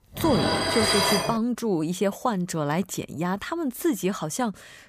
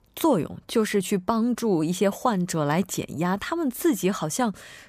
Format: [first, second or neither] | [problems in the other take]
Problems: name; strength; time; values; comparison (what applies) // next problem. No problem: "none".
second | clattering dishes; loud; until 1.5 s; peak 6 dB above the speech